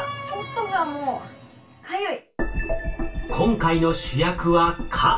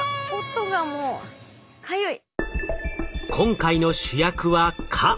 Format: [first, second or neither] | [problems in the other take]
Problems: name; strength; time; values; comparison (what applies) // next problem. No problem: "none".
second | room echo; dies away in 0.2 s